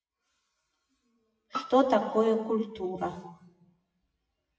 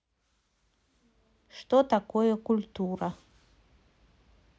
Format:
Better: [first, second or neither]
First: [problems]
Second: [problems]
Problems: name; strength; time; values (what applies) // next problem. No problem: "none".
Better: second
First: noise reduction (classical method WPE with log-MMSE)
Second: none